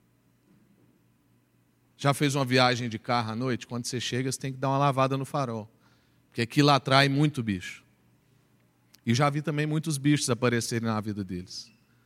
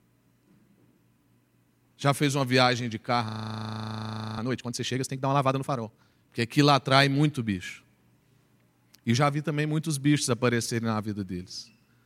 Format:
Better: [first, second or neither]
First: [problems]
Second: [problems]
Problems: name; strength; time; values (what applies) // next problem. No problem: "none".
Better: first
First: none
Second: audio freezing; at 3.5 s for 1 s